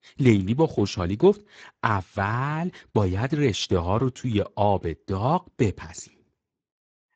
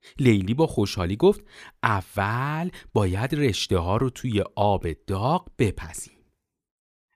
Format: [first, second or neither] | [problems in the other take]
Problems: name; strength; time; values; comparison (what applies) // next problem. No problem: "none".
second | garbled, watery; badly; nothing above 7.5 kHz